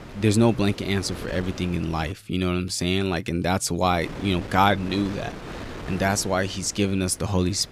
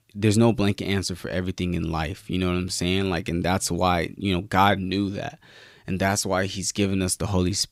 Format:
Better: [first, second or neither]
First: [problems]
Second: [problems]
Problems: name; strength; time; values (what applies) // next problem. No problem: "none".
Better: second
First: wind noise on the microphone; occasional gusts; until 2 s and from 4 s on; 15 dB below the speech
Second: none